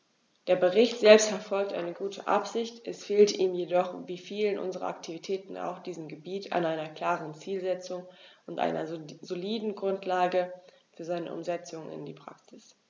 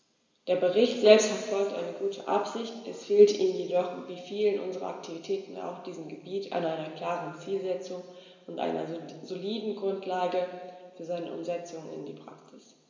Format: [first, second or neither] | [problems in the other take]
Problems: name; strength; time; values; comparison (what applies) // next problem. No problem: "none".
first | room echo; dies away in 2.1 s